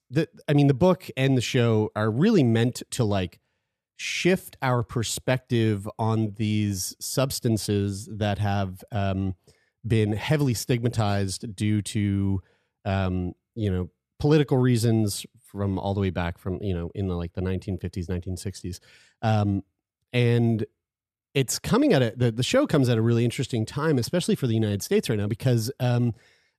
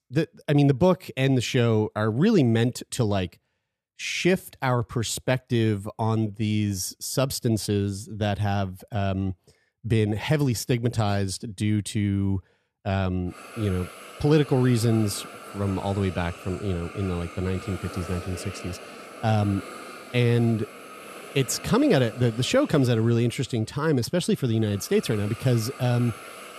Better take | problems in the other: first | hiss; noticeable; from 13 s on; 15 dB below the speech

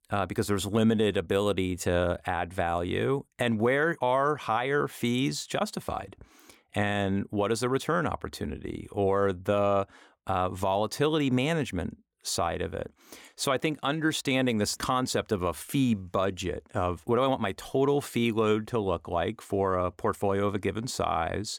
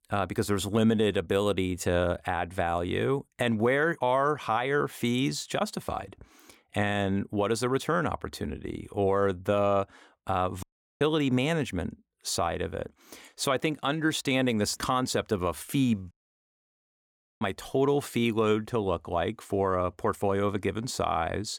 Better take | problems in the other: first | audio cutting out; at 11 s and at 16 s for 1.5 s

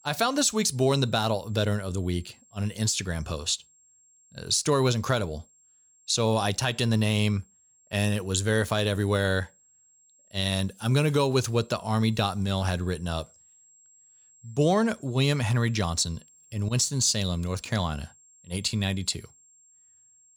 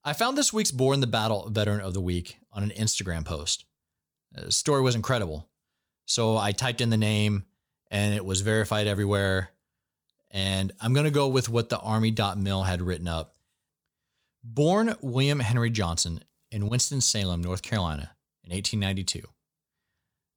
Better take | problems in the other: second | high-pitched whine; faint; throughout; 7.5 kHz, 30 dB below the speech

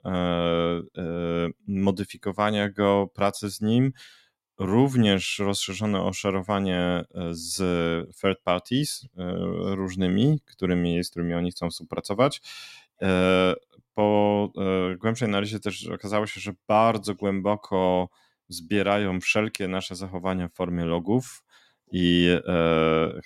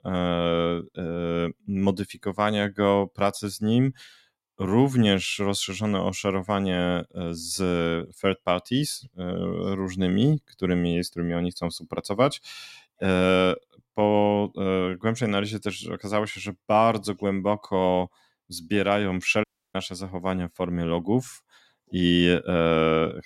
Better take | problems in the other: first | audio cutting out; at 19 s

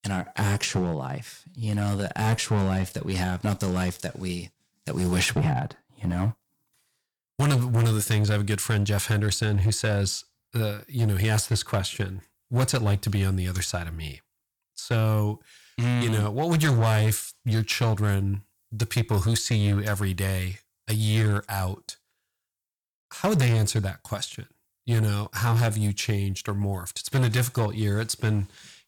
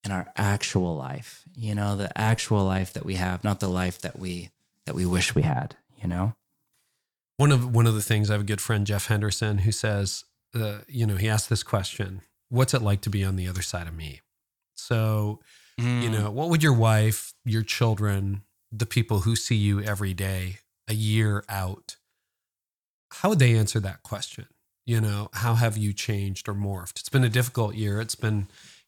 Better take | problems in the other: second | distortion; slight; 8% of the sound clipped

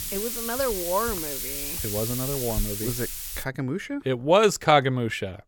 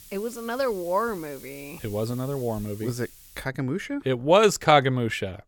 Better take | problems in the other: second | hiss; loud; until 3.5 s; 4 dB below the speech; faint in the second

